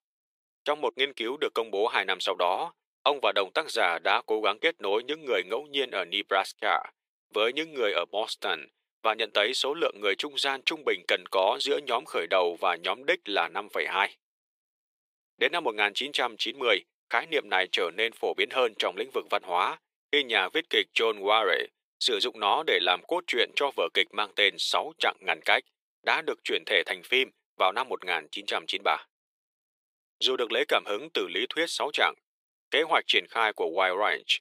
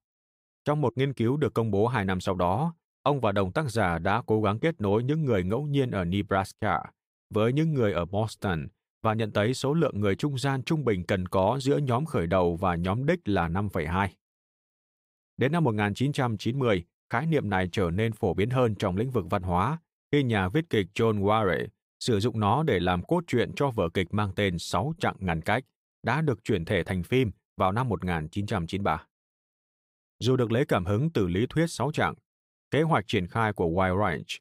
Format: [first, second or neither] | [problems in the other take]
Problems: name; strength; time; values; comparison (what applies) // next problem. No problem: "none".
second | thin; very; fading below 400 Hz